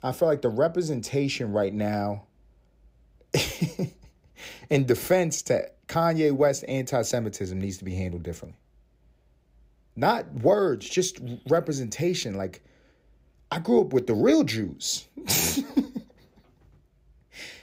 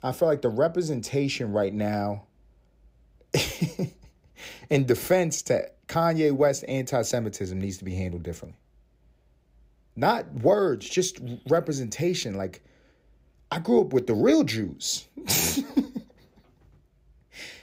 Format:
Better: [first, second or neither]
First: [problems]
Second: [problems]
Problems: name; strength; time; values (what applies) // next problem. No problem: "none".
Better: neither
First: none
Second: none